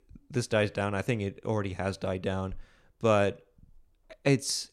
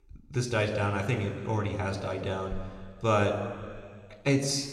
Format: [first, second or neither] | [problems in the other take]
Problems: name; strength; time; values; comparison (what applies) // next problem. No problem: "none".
first | room echo; slight; dies away in 2 s